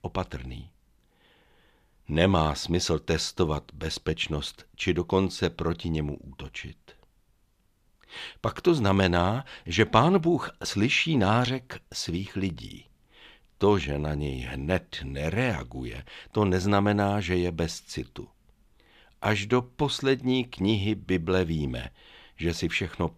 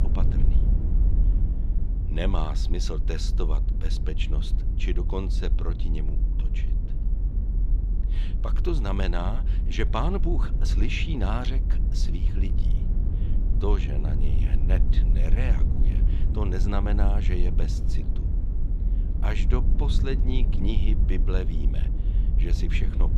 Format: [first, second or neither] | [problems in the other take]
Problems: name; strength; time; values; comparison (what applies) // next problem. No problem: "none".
first | low rumble; loud; throughout; 8 dB below the speech